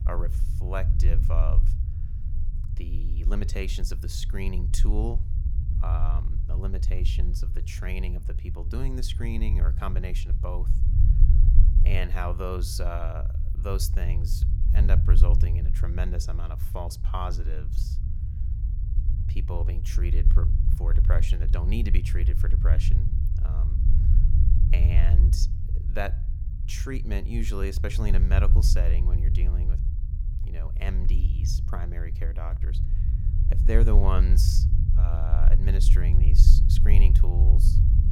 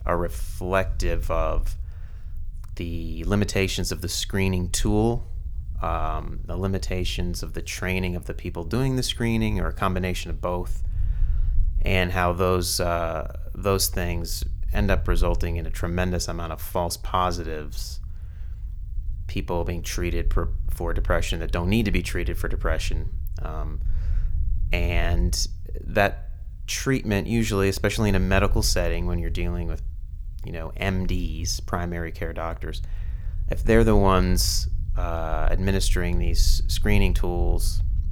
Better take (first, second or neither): second